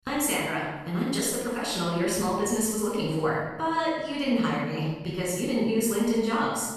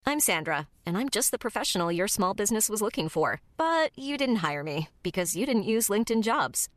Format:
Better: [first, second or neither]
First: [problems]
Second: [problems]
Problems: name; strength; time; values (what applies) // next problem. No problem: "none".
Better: second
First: off-mic speech; far // room echo; strong; dies away in 1.1 s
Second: none